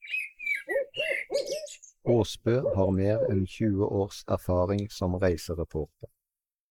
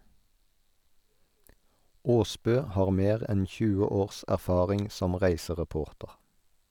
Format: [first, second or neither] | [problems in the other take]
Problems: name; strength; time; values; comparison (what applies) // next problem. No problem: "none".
second | noise reduction (neural mask model Resemble Enhance denoiser)